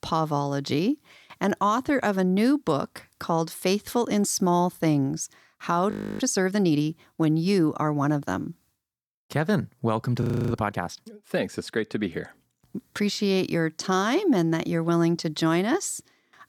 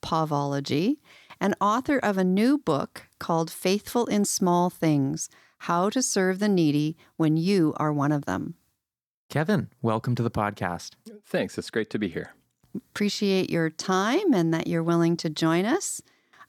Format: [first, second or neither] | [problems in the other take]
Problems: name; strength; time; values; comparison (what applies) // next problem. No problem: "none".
second | audio freezing; at 6 s and at 10 s